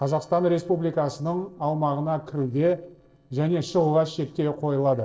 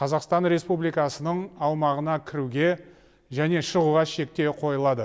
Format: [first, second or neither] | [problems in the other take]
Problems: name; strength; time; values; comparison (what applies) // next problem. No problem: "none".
second | noise reduction (neural separator model SepFormer DNS4)